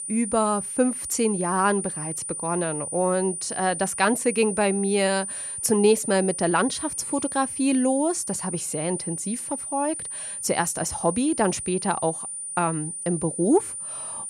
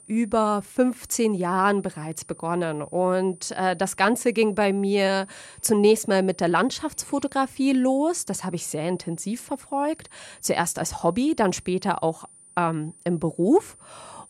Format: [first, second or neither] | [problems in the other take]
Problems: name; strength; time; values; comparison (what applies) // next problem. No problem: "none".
second | high-pitched whine; loud; throughout; 9.5 kHz, 5 dB below the speech; faint in the second